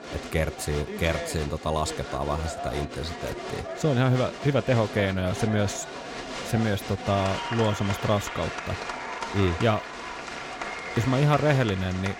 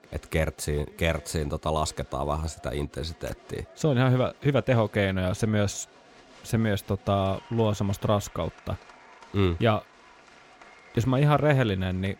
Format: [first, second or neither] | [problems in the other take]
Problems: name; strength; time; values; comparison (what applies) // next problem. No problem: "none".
second | crowd noise; loud; throughout; 8 dB below the speech; faint in the second